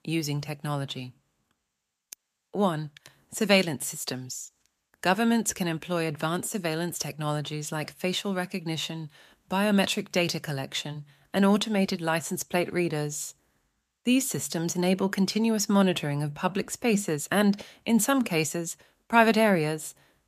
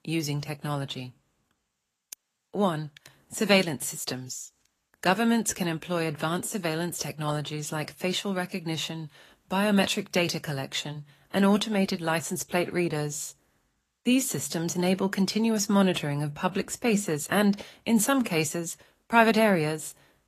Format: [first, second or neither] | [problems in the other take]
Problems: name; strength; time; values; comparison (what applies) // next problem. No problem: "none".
first | garbled, watery; slightly; nothing above 14.5 kHz